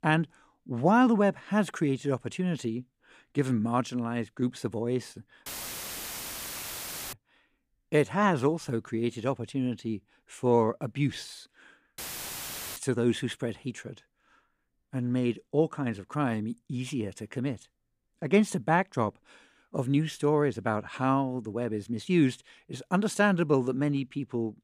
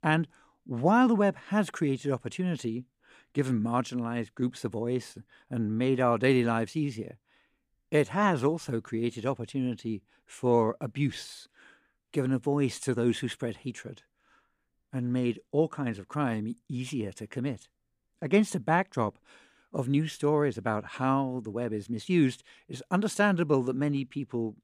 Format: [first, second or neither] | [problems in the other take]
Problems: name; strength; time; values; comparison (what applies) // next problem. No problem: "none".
second | audio cutting out; filled with static; at 5.5 s for 1.5 s and at 12 s for 1 s